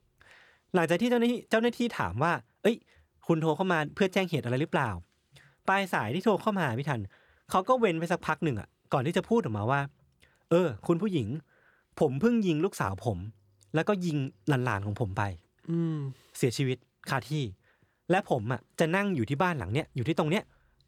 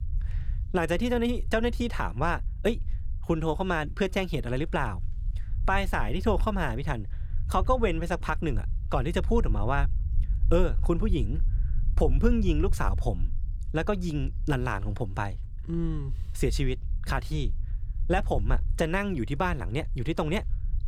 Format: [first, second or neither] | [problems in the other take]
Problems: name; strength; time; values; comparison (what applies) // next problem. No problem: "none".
first | low rumble; faint; throughout; 25 dB below the speech